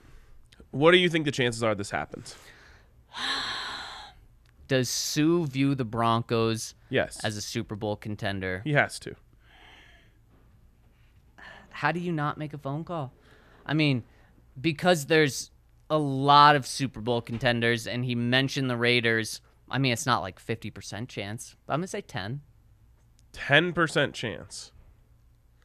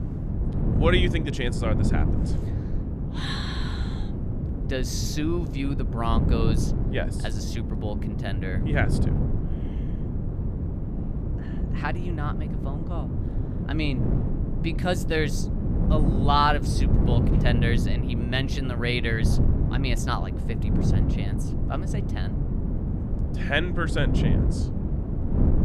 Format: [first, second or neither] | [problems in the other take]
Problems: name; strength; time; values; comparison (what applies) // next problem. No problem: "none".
first | wind noise on the microphone; heavy; 7 dB below the speech